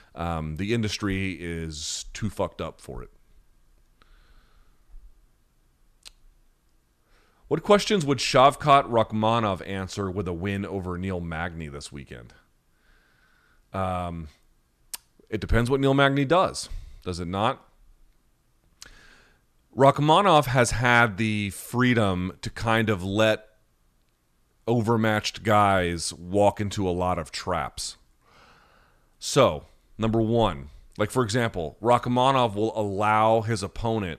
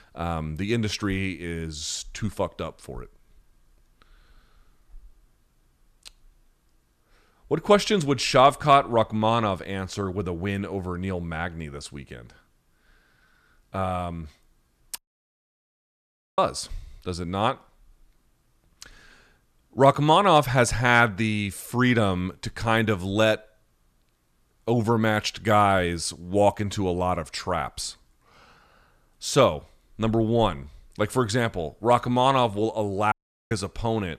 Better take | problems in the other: first | audio cutting out; at 15 s for 1.5 s and at 33 s

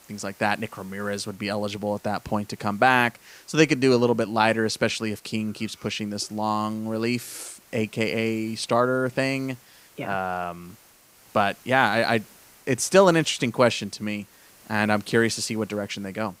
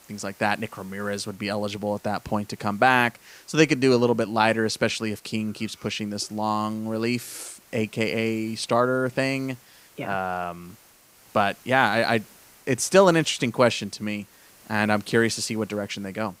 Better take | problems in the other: neither | hiss; faint; throughout; 25 dB below the speech; the same in both

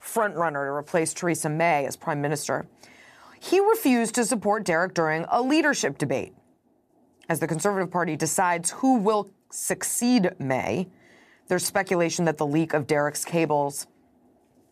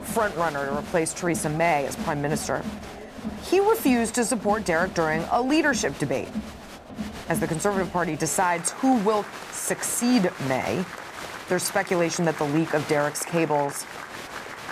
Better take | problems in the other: first | crowd noise; noticeable; throughout; 10 dB below the speech

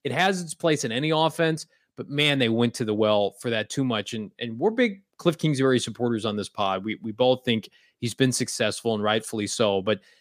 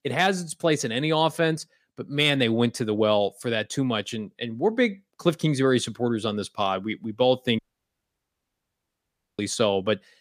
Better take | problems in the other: first | audio cutting out; at 7.5 s for 2 s

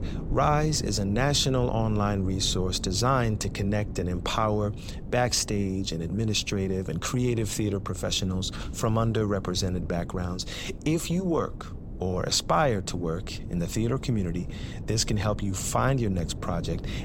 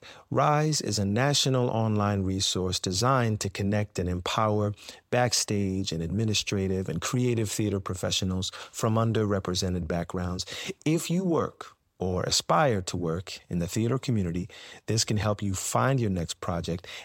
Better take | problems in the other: second | wind noise on the microphone; occasional gusts; 20 dB below the speech

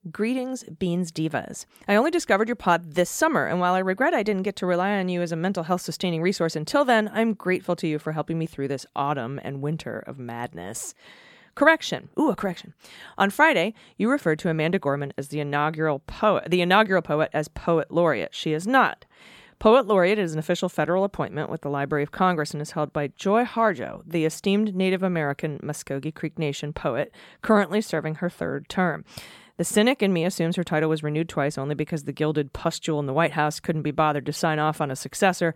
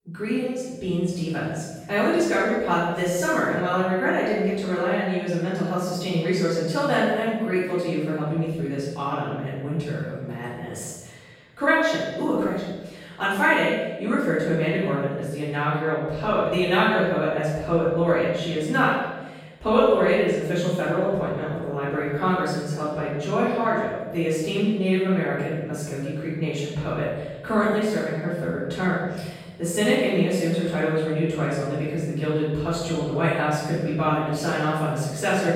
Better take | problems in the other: first | off-mic speech; far // room echo; strong; dies away in 1.2 s

